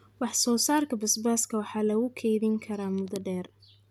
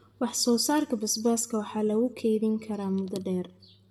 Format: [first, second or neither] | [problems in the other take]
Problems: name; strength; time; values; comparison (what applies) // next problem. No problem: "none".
first | room echo; dies away in 0.3 s